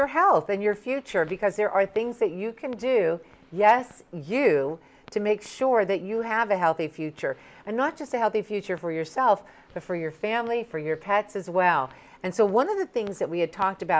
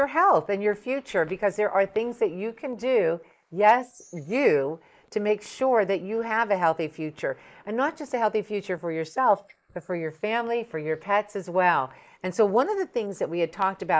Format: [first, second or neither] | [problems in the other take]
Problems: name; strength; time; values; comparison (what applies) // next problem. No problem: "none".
first | noise reduction (neural mask model Resemble Enhance denoiser)